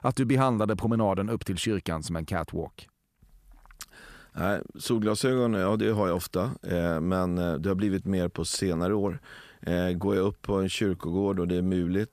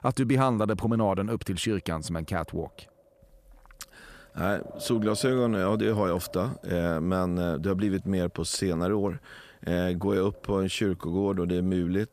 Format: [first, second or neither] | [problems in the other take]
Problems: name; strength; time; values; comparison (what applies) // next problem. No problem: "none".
first | wind noise on the microphone; occasional gusts; 20 dB below the speech